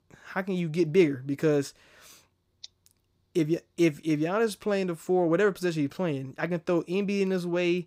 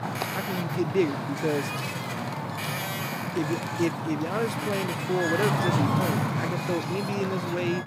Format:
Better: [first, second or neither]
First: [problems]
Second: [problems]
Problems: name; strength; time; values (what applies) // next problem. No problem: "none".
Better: first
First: none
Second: wind noise on the microphone; heavy; 2 dB above the speech